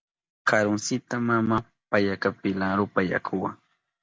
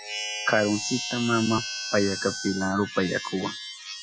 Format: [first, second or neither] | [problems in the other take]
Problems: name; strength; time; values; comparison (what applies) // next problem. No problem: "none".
first | noise reduction (classical method Wiener filter)